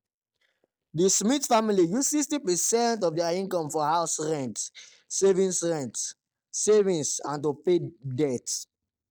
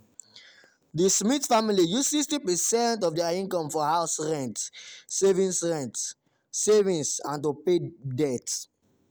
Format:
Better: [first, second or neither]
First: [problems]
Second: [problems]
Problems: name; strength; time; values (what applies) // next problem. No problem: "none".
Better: second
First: noise reduction (neural mask model DeepFilterNet 3)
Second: none